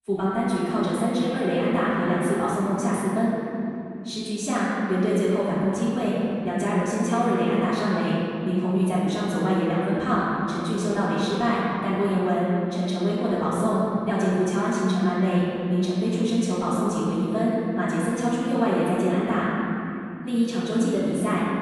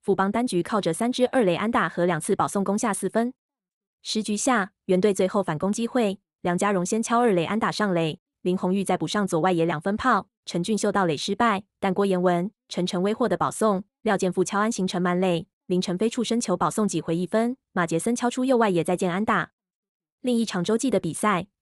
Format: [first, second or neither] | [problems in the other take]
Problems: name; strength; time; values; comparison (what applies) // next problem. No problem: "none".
second | off-mic speech; far // room echo; strong; dies away in 3 s